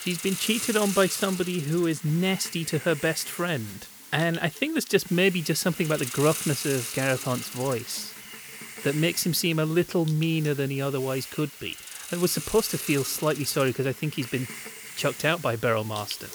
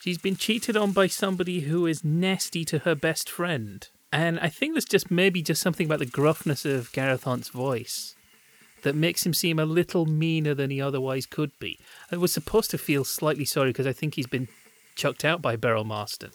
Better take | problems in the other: second | hiss; loud; throughout; 10 dB below the speech; faint in the second

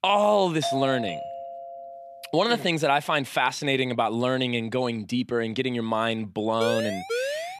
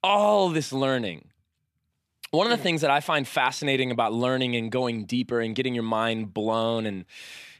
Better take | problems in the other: second | doorbell; noticeable; from 0.5 to 2 s; peak 4 dB below the speech // siren; noticeable; at 6.5 s; peak 3 dB below the speech

